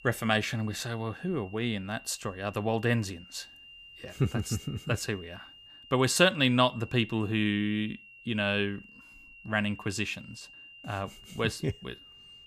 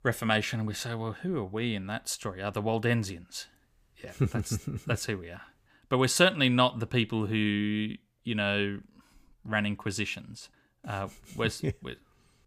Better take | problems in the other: second | high-pitched whine; noticeable; throughout; 3 kHz, 20 dB below the speech

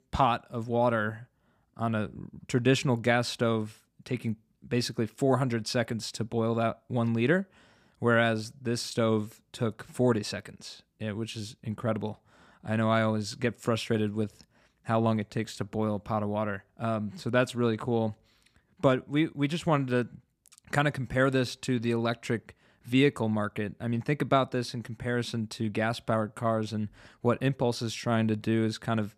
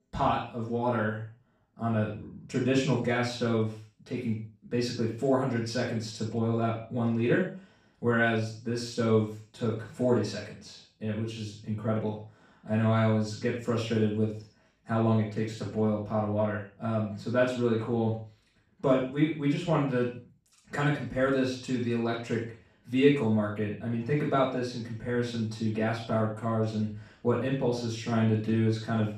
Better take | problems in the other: first | room echo; strong; dies away in 0.4 s // off-mic speech; far

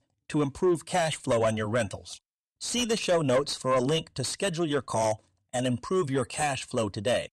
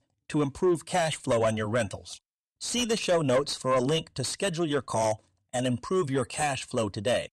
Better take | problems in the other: neither | distortion; slight; 10 dB below the speech; the same in both

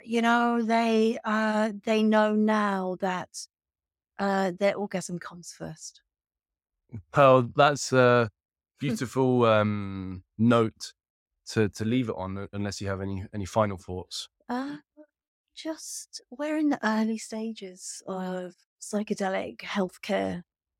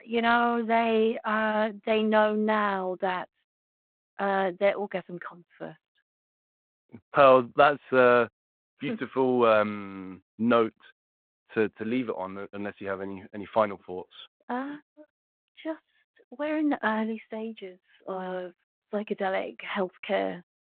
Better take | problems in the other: first | phone-call audio; nothing above 3.5 kHz

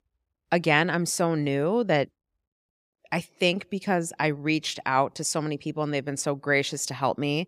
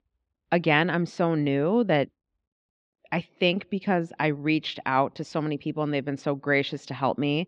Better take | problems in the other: first | muffled; slightly; fading above 3.5 kHz

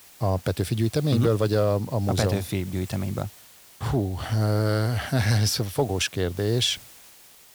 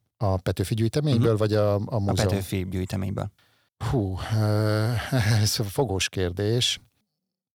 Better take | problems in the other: second | hiss; faint; throughout; 20 dB below the speech

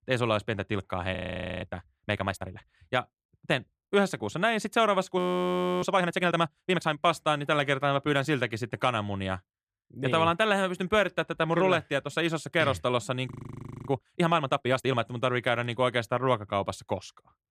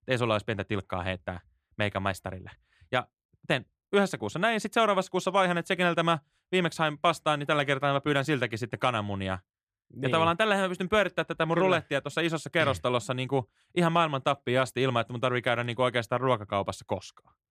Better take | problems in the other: second | audio freezing; at 1 s, at 5 s for 0.5 s and at 13 s for 0.5 s

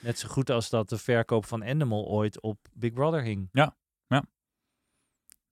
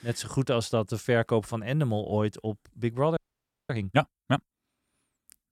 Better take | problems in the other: first | audio freezing; at 3 s for 0.5 s

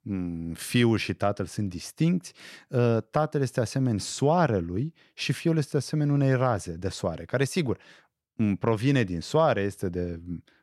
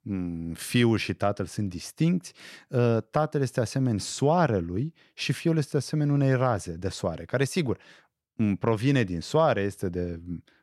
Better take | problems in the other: neither | none

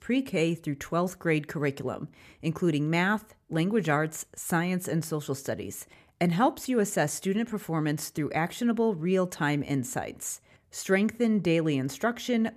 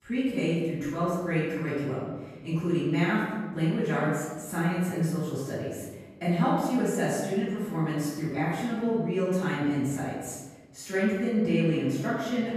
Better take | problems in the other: first | off-mic speech; far // room echo; strong; dies away in 1.1 s

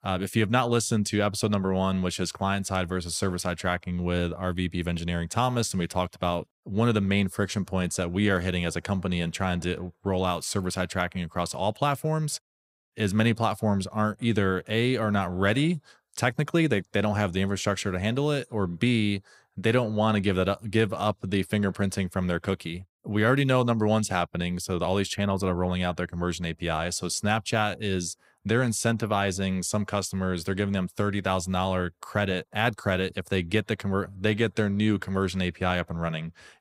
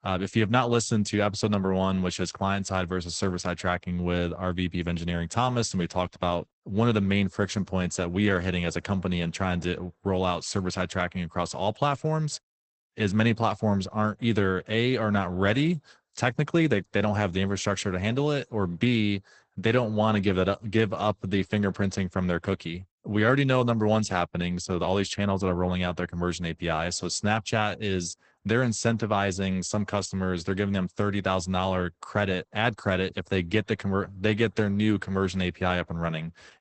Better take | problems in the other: first | garbled, watery; badly; nothing above 8 kHz

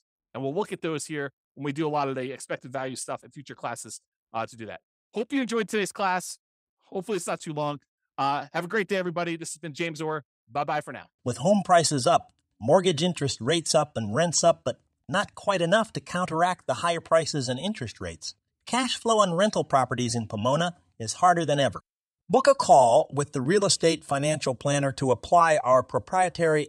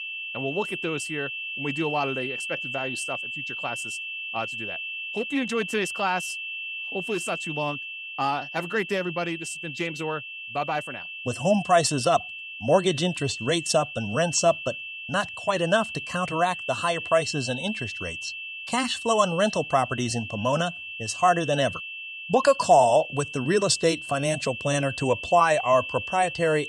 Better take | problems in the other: first | high-pitched whine; loud; throughout; 2.5 kHz, 7 dB below the speech

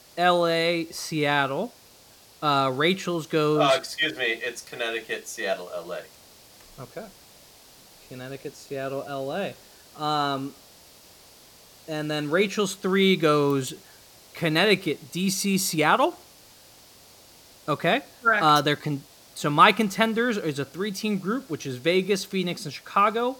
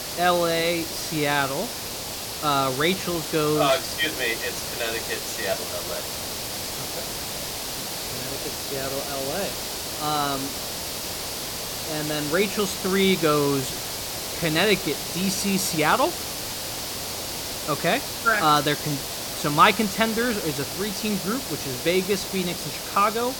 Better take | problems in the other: first | hiss; loud; throughout; 5 dB below the speech; faint in the first

